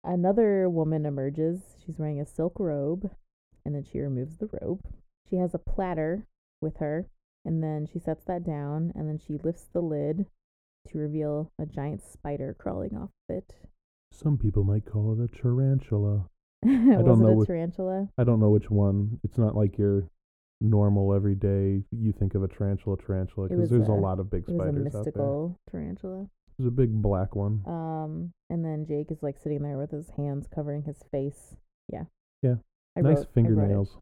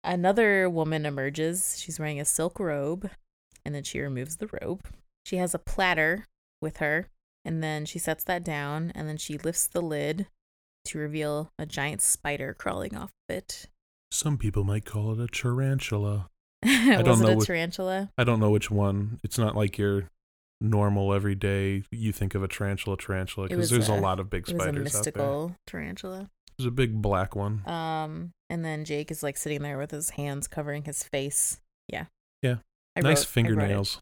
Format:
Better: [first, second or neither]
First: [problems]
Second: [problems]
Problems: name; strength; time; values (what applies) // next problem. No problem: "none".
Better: second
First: muffled; very; fading above 1.5 kHz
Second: none